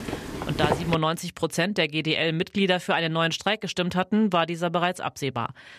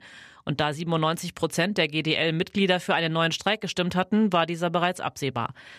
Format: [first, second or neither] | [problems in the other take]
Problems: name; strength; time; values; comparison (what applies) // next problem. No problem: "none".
second | footsteps; noticeable; at the start; peak 2 dB below the speech